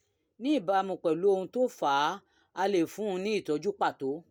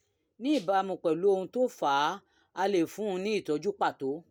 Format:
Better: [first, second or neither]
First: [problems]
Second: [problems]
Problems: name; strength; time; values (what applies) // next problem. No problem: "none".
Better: first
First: none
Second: background sound (Rattle (instrument)); 20 dB below the speech